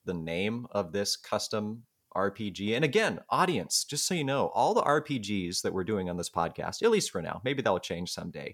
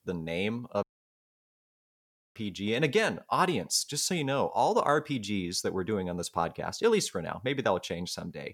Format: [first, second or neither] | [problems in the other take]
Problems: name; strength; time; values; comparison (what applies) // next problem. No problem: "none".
first | audio cutting out; at 1 s for 1.5 s